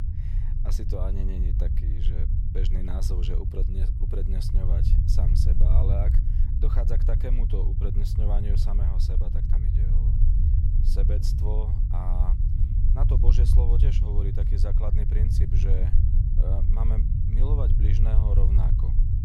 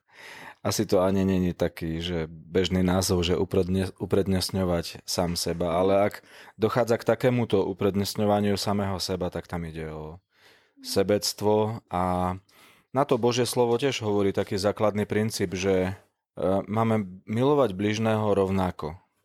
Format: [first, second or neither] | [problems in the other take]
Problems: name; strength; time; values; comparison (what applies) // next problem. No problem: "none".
second | low rumble; loud; throughout; 1 dB below the speech